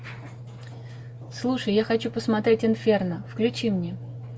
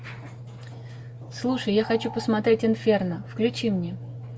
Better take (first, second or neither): first